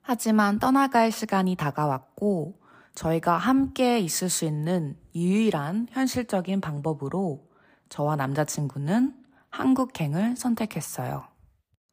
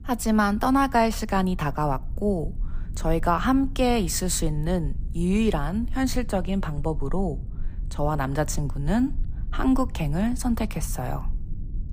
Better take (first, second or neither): first